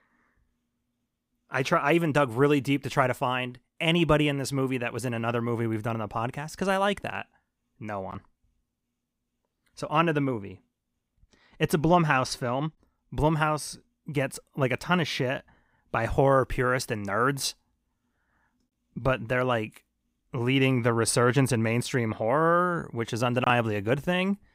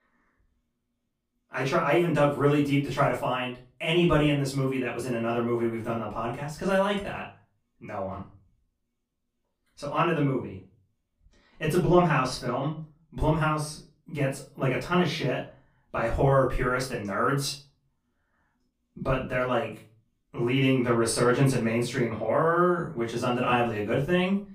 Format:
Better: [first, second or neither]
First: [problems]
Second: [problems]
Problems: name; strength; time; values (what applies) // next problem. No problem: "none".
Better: first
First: none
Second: off-mic speech; far // room echo; slight; dies away in 0.3 s